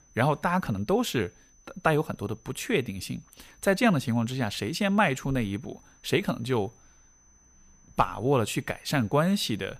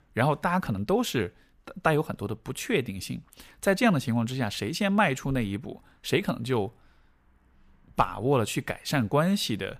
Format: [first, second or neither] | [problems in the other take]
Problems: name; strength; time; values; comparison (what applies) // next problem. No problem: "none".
second | high-pitched whine; faint; throughout; 6 kHz, 30 dB below the speech